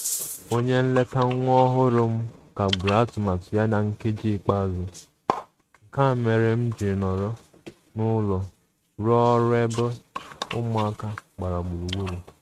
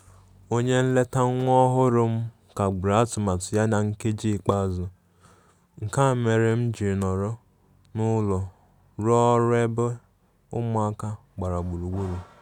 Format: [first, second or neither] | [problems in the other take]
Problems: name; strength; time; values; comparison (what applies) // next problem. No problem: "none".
second | noise reduction (neural mask model RNNoise)